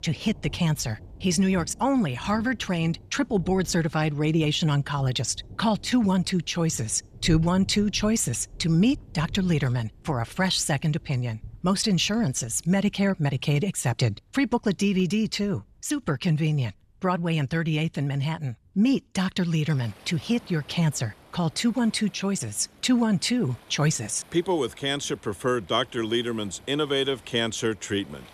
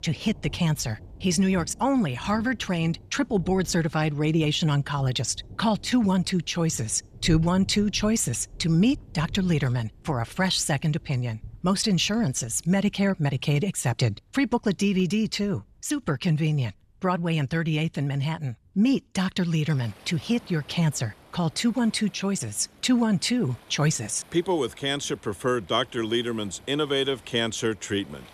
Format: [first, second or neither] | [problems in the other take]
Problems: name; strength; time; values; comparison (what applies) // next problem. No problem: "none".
neither | rain or running water; faint; throughout; 20 dB below the speech; the same in both